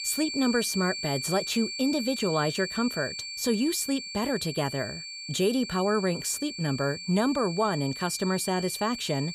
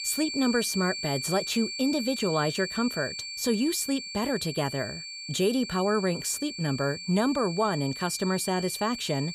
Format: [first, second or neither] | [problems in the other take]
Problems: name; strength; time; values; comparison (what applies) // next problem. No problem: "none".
neither | high-pitched whine; loud; throughout; 4.5 kHz, 7 dB below the speech; the same in both